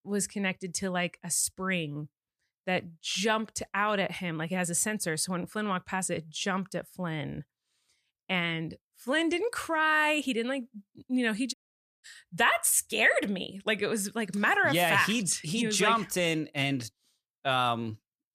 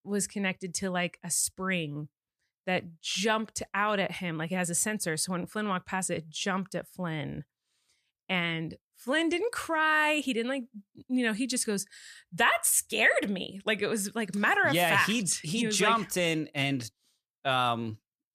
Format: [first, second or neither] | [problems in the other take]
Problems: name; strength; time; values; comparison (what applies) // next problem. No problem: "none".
second | audio cutting out; at 12 s